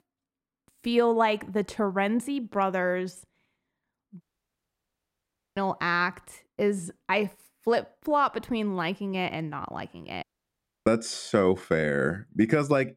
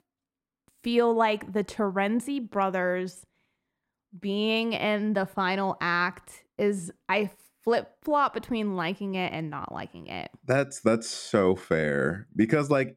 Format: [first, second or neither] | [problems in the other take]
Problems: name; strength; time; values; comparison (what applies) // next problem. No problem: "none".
second | audio cutting out; at 4 s for 1.5 s and at 10 s for 0.5 s